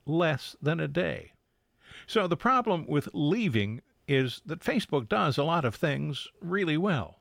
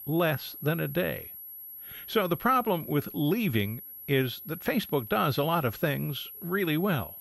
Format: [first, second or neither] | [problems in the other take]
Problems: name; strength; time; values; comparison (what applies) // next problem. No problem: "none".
first | high-pitched whine; noticeable; throughout; 11.5 kHz, 10 dB below the speech